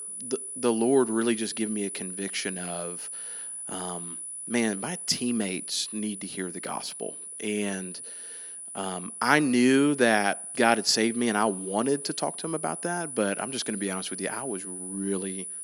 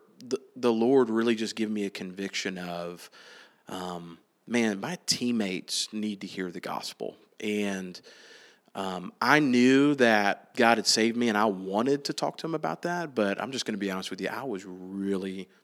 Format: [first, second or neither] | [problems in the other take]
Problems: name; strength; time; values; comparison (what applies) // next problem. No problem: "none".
second | high-pitched whine; loud; throughout; 10 kHz, 8 dB below the speech